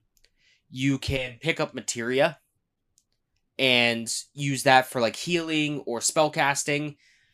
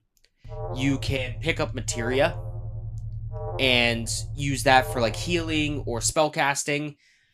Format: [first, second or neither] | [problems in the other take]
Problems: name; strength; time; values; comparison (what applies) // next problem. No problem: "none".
first | alarm; noticeable; until 6 s; peak 9 dB below the speech